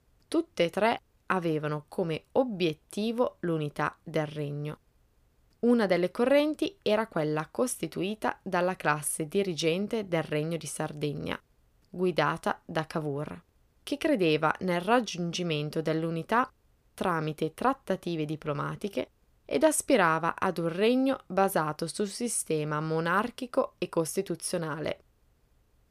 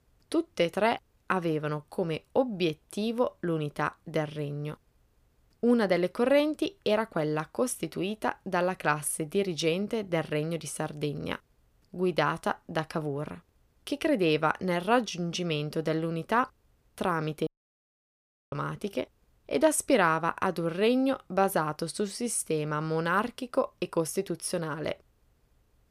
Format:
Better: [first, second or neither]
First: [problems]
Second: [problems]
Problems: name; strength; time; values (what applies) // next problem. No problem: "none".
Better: first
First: none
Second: audio cutting out; at 17 s for 1 s